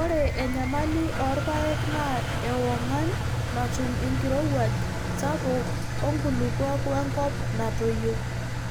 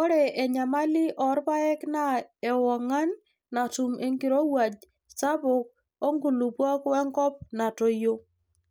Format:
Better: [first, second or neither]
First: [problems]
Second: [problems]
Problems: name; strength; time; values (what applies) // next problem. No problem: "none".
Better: second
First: background sound (Engine); 2 dB above the speech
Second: none